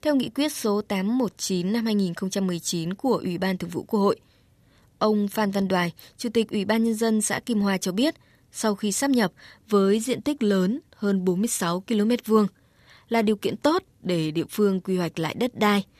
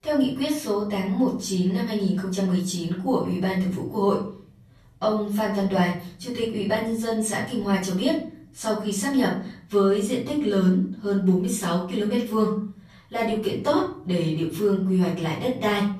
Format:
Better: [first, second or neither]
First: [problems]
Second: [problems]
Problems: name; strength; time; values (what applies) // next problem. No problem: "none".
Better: first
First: none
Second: off-mic speech; far // room echo; noticeable; dies away in 0.6 s